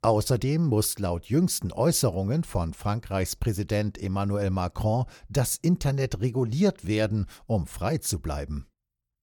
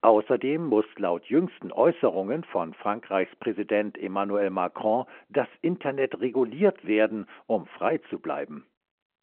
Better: first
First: none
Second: phone-call audio

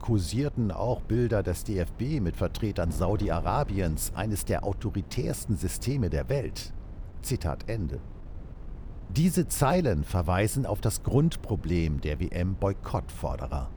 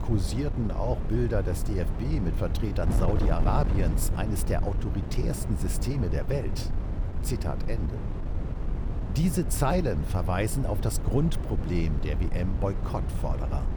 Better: first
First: wind noise on the microphone; occasional gusts; 20 dB below the speech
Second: wind noise on the microphone; heavy; 8 dB below the speech

